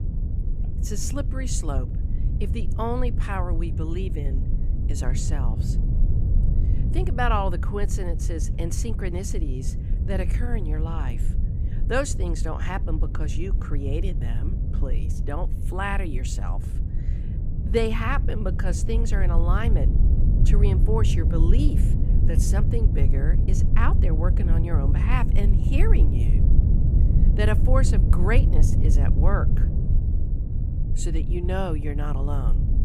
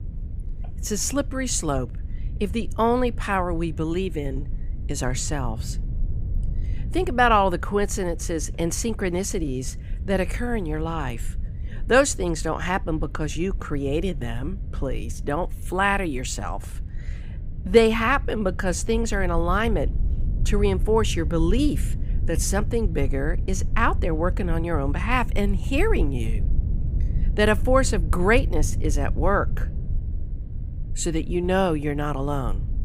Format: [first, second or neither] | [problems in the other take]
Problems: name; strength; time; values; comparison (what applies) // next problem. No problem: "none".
second | low rumble; loud; throughout; 7 dB below the speech; faint in the second